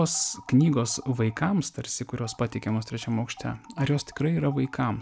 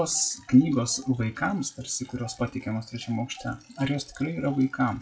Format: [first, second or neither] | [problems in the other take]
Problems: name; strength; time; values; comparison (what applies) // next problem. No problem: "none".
first | noise reduction (classical method WPE with log-MMSE)